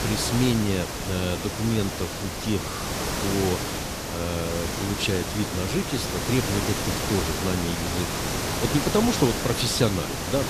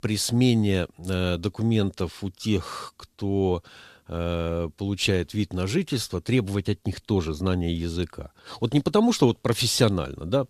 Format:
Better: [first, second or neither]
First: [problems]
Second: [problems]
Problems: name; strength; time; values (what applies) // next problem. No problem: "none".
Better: second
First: hiss; loud; throughout; 1 dB below the speech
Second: none